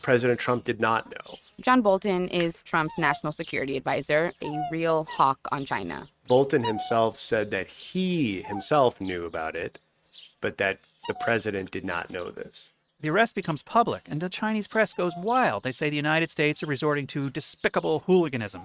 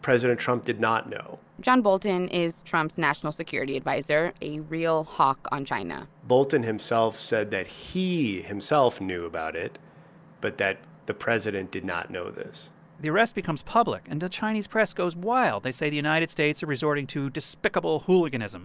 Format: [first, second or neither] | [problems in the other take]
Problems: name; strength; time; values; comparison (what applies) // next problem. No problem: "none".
second | noise reduction (neural mask model RNNoise)